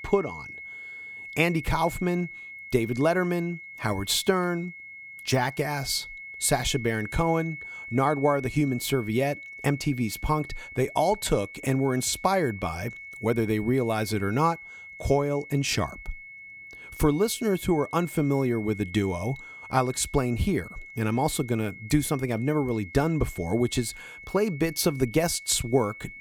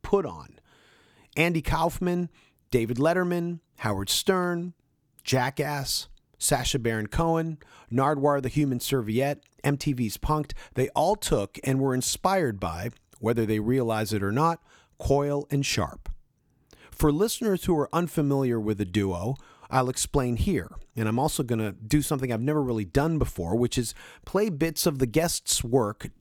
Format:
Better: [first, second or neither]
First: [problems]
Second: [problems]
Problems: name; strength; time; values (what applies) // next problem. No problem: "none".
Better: second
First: high-pitched whine; noticeable; throughout; 2 kHz, 15 dB below the speech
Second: none